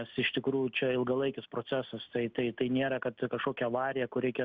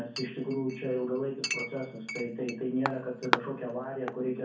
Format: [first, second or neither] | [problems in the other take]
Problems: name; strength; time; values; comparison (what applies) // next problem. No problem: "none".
first | background sound (Chink, clink); 4 dB below the speech // room echo; dies away in 0.6 s